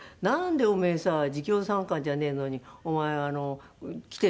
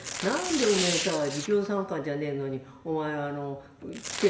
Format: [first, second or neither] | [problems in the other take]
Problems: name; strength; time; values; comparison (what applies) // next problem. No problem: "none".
first | background sound (Tearing); 7 dB below the speech // room echo; dies away in 1 s